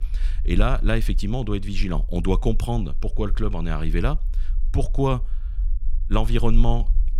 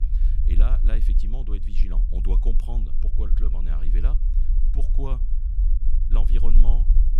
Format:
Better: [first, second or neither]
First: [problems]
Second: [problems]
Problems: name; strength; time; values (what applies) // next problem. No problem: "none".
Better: first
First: low rumble; faint; throughout; 25 dB below the speech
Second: low rumble; loud; throughout; 6 dB below the speech